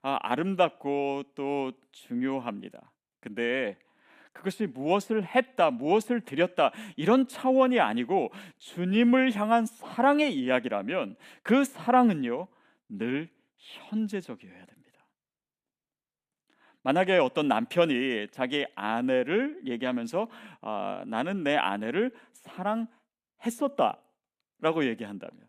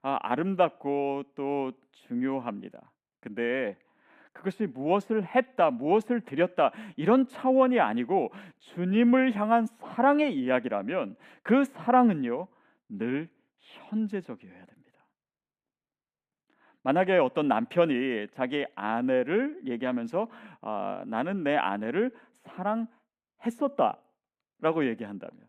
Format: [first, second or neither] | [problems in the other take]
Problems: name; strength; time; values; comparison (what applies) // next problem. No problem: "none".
first | muffled; slightly; fading above 3 kHz